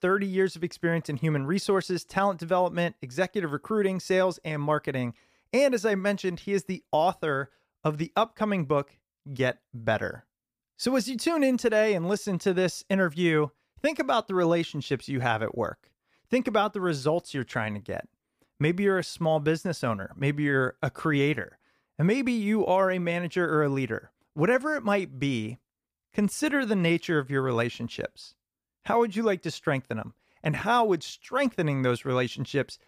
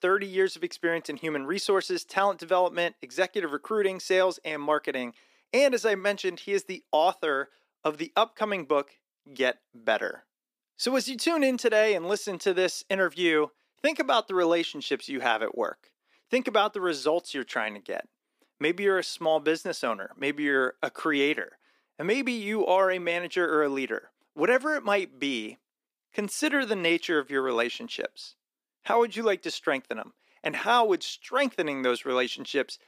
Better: first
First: none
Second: thin; somewhat; fading below 250 Hz

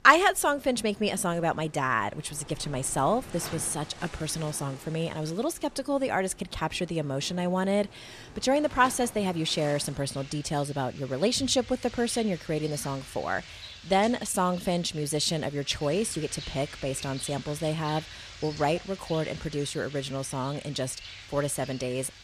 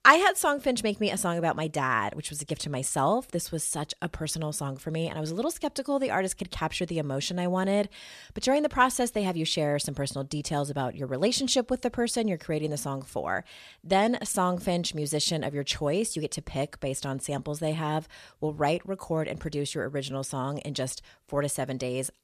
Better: second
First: rain or running water; noticeable; throughout; 15 dB below the speech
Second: none

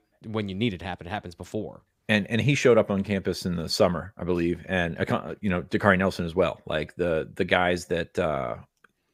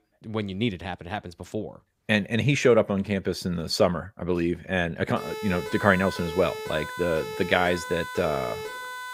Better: first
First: none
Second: siren; noticeable; from 5 s on; peak 8 dB below the speech

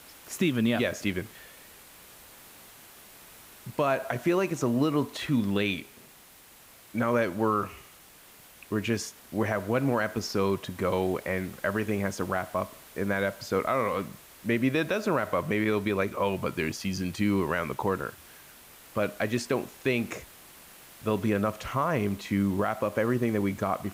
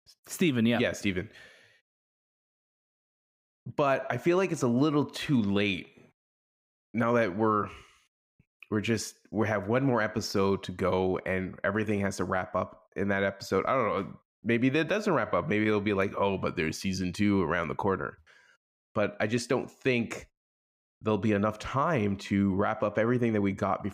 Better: second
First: hiss; faint; throughout; 20 dB below the speech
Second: none

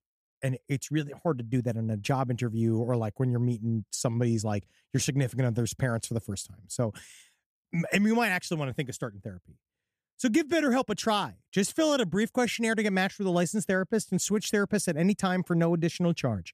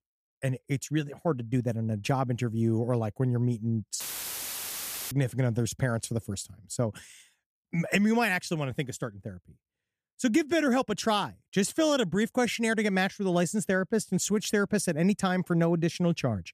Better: first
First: none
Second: audio cutting out; filled with static; at 4 s for 1 s

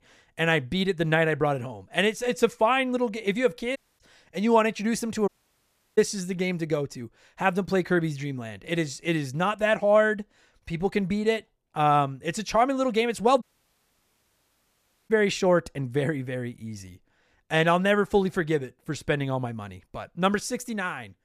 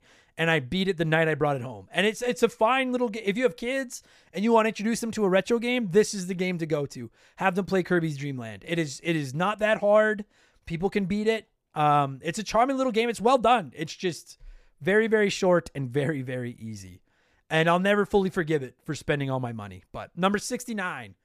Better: second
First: audio cutting out; at 4 s, at 5.5 s for 0.5 s and at 13 s for 1.5 s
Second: none

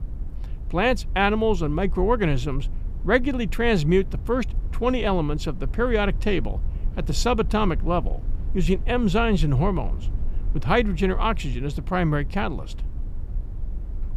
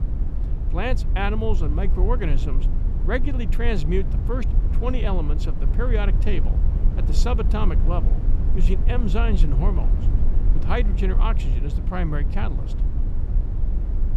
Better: first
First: low rumble; faint; throughout; 25 dB below the speech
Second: low rumble; loud; throughout; 10 dB below the speech

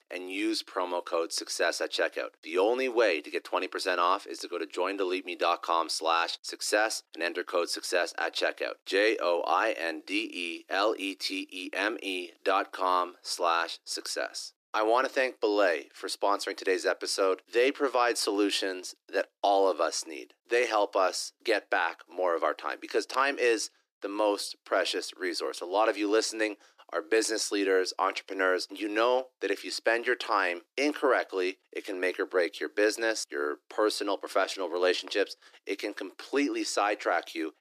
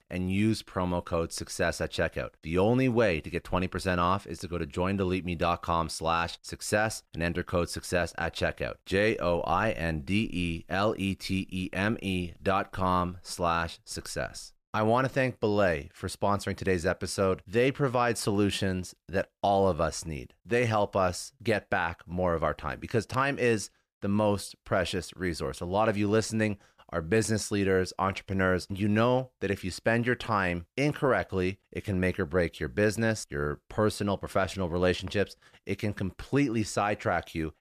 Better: second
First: thin; somewhat; fading below 300 Hz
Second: none

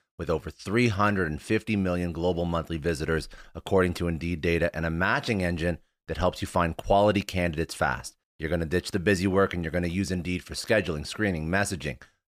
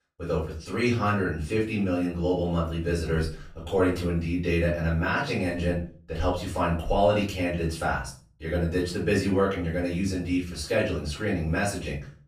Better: first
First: none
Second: off-mic speech; far // room echo; slight; dies away in 0.3 s

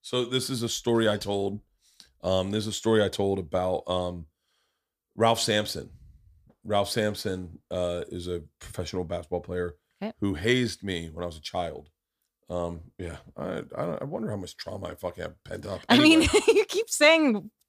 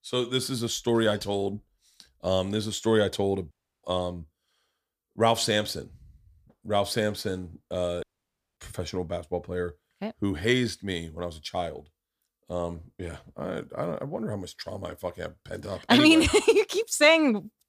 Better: first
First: none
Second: audio cutting out; at 3.5 s and at 8 s for 0.5 s

